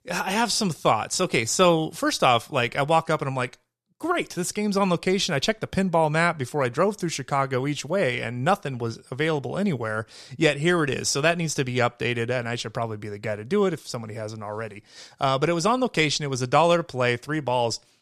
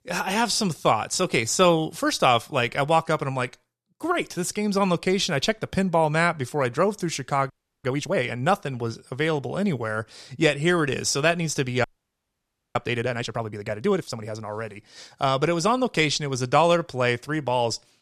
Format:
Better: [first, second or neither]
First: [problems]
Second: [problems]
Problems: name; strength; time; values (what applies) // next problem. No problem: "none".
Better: first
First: none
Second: audio freezing; at 7.5 s and at 12 s for 1 s